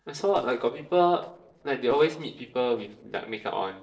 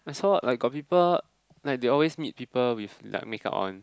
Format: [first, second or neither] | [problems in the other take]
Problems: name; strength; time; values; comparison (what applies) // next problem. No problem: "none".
second | noise reduction (neural separator model SepFormer DNS4)